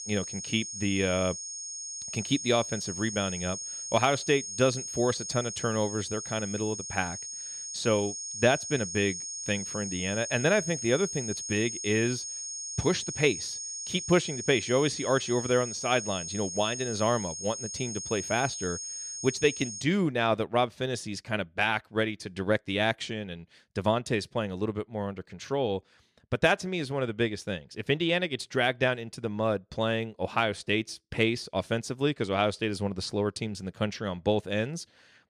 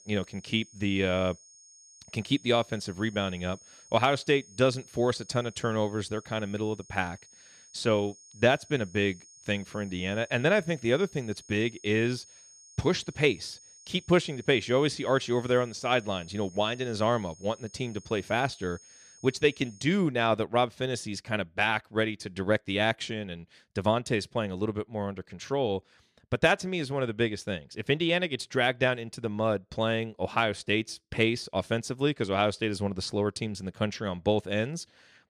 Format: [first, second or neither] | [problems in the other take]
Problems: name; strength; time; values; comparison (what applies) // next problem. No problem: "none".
second | high-pitched whine; loud; until 20 s; 6.5 kHz, 6 dB below the speech; faint in the second